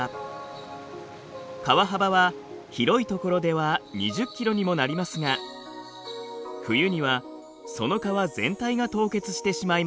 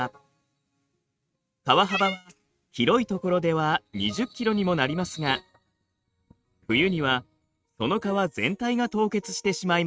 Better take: first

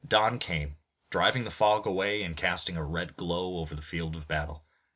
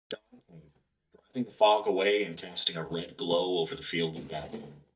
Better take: first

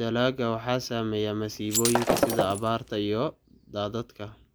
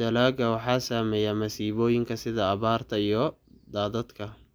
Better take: second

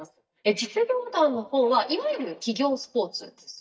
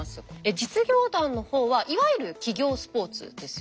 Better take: second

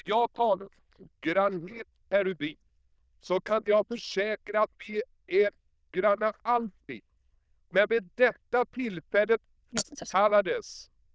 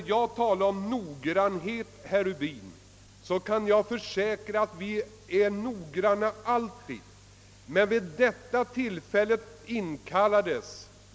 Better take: second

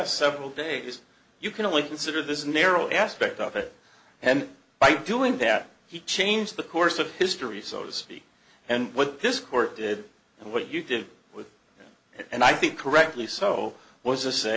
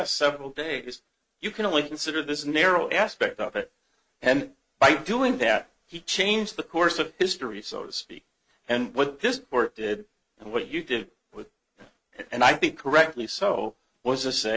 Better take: first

